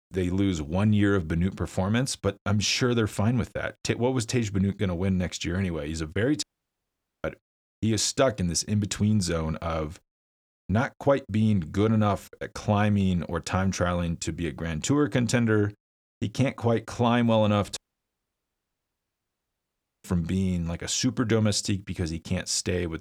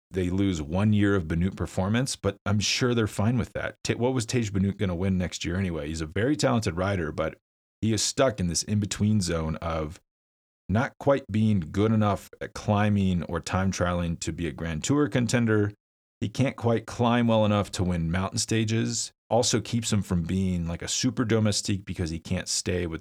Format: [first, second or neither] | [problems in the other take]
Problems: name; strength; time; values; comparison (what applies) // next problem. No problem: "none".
second | audio cutting out; at 6.5 s for 1 s and at 18 s for 2.5 s